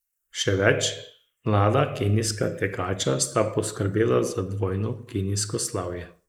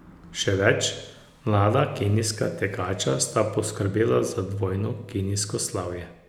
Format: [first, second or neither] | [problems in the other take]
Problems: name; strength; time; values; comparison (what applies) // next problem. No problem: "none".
second | noise reduction (neural mask model Resemble Enhance denoiser)